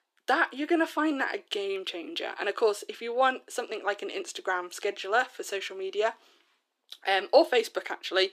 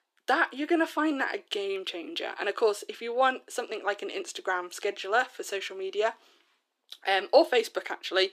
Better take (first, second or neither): neither